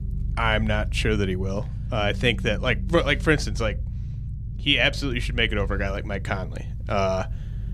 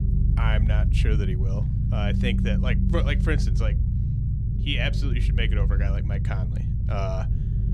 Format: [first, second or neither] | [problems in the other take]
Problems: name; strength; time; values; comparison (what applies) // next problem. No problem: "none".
first | low rumble; loud; throughout; 6 dB below the speech; faint in the first